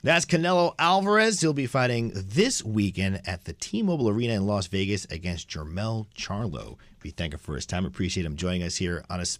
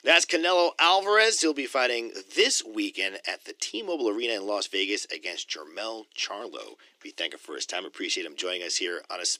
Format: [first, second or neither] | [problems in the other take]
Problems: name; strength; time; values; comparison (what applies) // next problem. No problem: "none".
first | thin; very; fading below 300 Hz